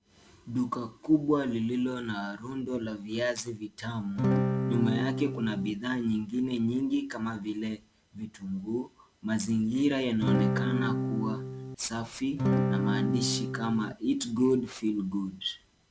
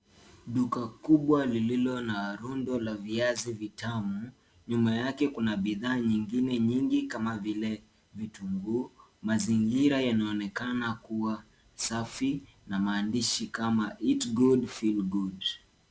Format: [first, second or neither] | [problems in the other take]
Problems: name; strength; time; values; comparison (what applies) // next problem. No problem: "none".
second | background sound (Acoustic guitar / Strum); 2 dB above the speech